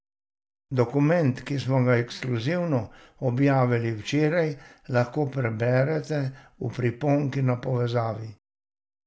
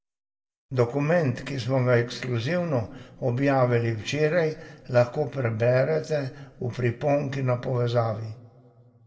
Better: first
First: none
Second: room echo; dies away in 0.8 s

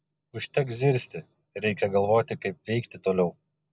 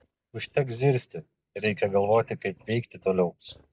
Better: first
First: none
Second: noise reduction (neural mask model DeepFilterNet 3)

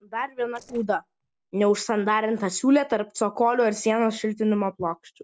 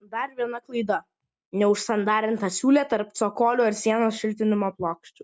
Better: second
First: noise reduction (neural separator model SepFormer DNS4)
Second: none

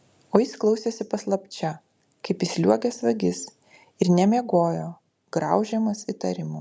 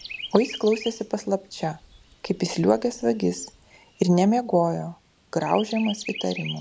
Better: first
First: none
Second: background sound (Chirp, tweet); 16 dB below the speech

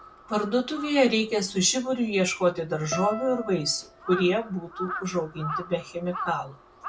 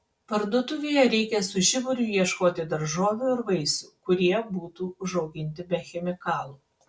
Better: second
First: background sound (Crow + Guitar); 12 dB below the speech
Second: none

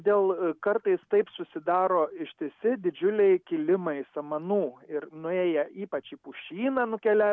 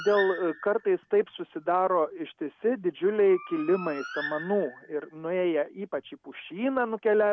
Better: first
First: none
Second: background sound (Bird); 16 dB below the speech

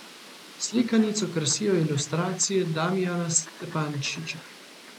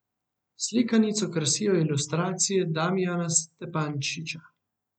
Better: second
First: background sound (Fowl); 18 dB below the speech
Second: none

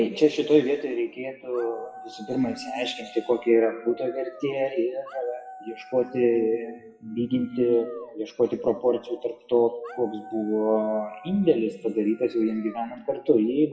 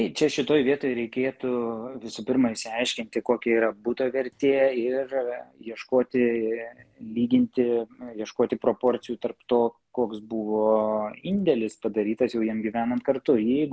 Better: second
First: noise reduction (classical method WPE with log-MMSE)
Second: none

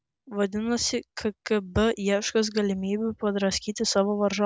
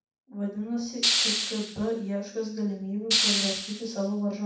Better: first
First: none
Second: background sound (Hiss); 3 dB above the speech // room echo; dies away in 0.6 s

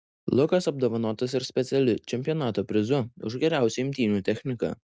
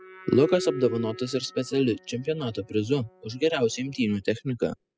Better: first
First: none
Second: noise reduction (classical method spectral subtraction)

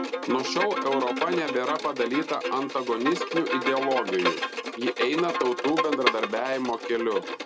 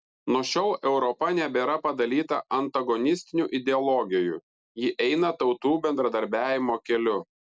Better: second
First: background sound (Bowed string instrument); 3 dB below the speech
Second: none

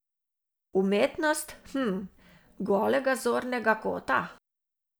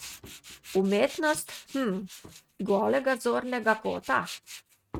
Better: first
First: none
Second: noise reduction (neural mask model RNNoise)

